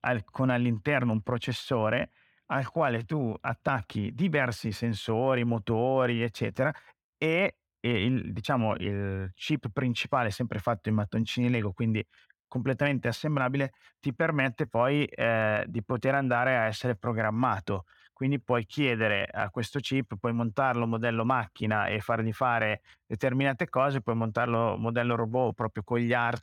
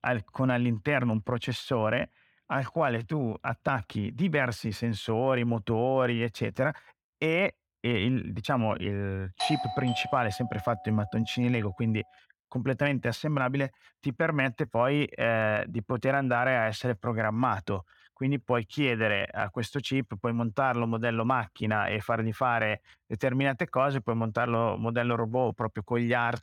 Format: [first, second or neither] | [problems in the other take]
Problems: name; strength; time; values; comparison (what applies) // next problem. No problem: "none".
first | doorbell; noticeable; from 9.5 to 11 s; peak 3 dB below the speech